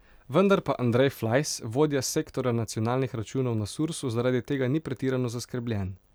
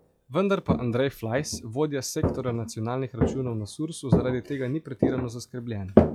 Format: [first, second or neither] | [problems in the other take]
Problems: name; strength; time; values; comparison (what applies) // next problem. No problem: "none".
first | noise reduction (classical method log-MMSE)